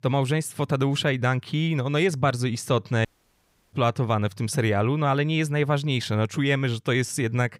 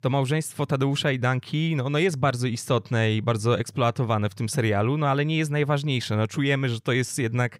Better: second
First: audio cutting out; at 3 s for 0.5 s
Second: none

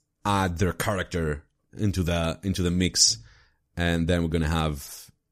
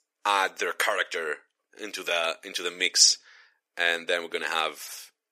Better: first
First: none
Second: thin; very; fading below 400 Hz

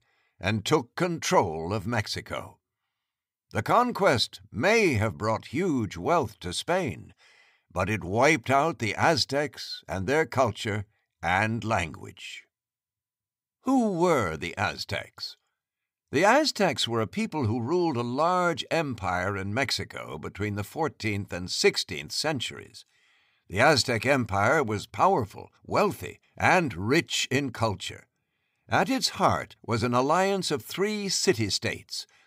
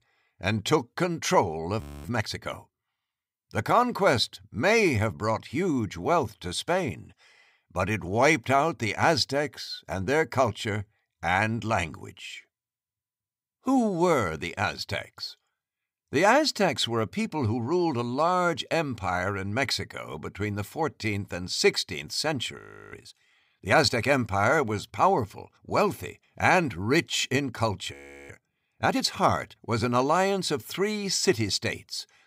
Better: first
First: none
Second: audio freezing; at 2 s, at 23 s and at 28 s

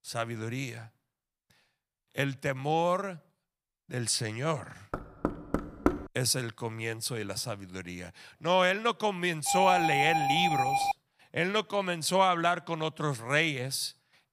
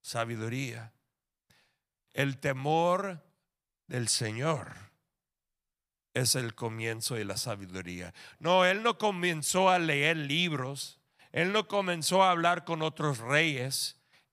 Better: second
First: door banging; noticeable; from 5 to 6 s; peak 1 dB below the speech // alarm; loud; from 9.5 to 11 s; peak 2 dB above the speech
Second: none

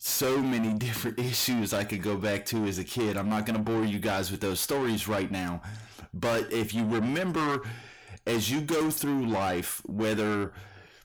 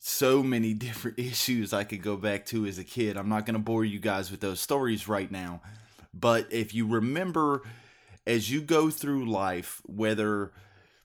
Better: second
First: distortion; heavy; 7 dB below the speech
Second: none

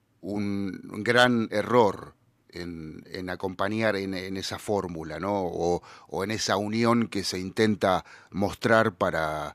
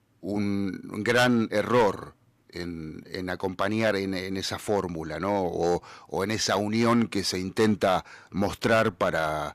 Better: first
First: none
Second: distortion; slight; 2% of the sound clipped

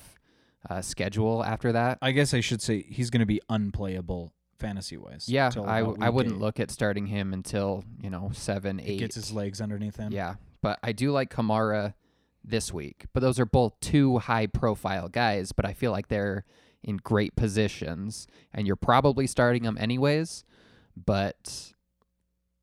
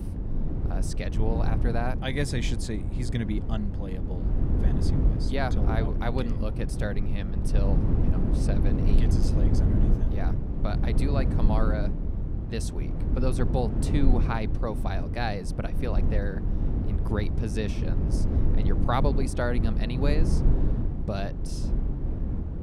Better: first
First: none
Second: low rumble; loud; throughout; 5 dB below the speech

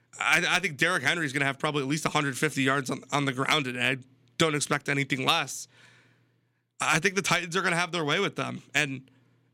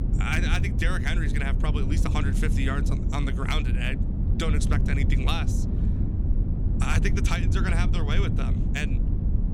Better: first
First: none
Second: low rumble; loud; throughout; 7 dB below the speech

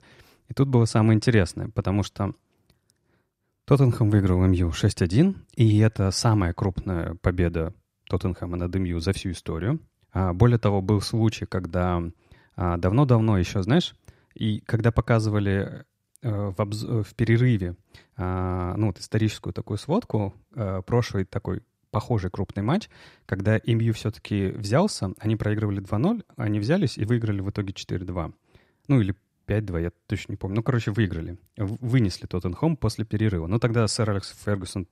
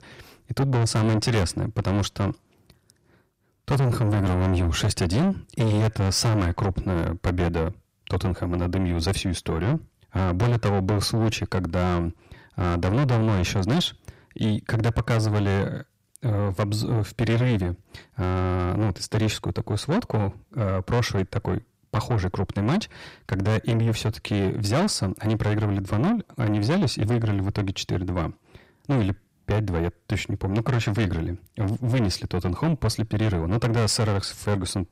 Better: first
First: none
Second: distortion; heavy; 6 dB below the speech

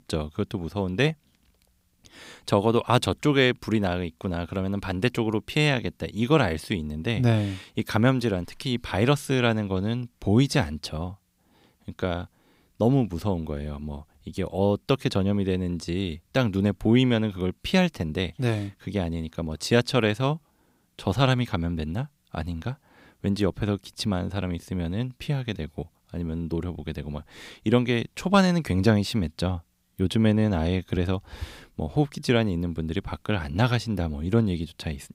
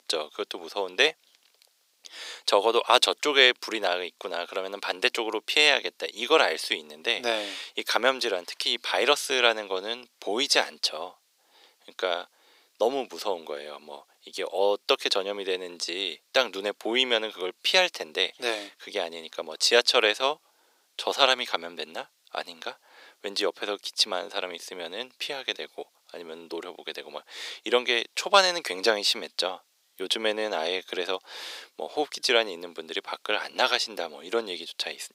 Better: first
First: none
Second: thin; very; fading below 450 Hz

